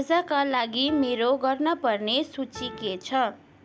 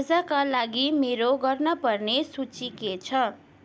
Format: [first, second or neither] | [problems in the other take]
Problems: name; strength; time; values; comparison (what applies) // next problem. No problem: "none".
second | background sound (Piano); 15 dB below the speech